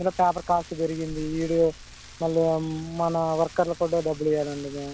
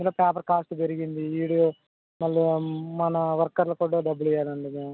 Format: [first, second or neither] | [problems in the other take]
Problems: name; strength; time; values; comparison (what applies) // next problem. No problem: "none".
second | background sound (Rain); 18 dB below the speech